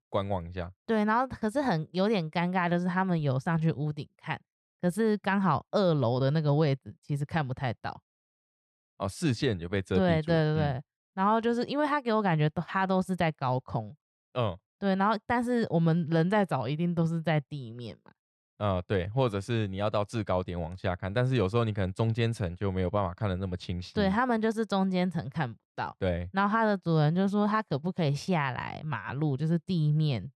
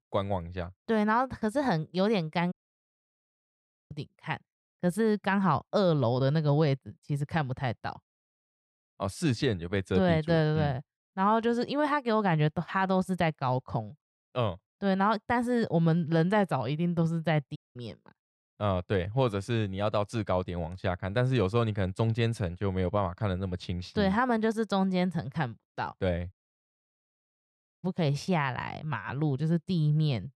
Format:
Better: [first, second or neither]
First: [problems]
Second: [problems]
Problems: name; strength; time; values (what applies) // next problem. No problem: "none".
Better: first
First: none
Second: audio cutting out; at 2.5 s for 1.5 s, at 18 s and at 26 s for 1.5 s